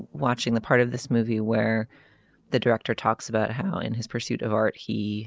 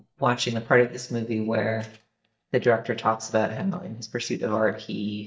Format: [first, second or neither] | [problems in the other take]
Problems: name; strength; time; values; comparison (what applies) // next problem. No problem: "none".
first | noise reduction (neural mask model DeepFilterNet 3)